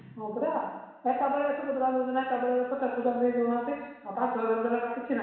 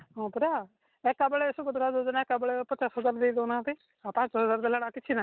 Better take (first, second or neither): second